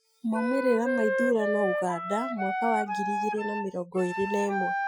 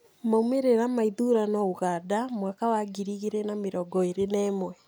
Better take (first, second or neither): second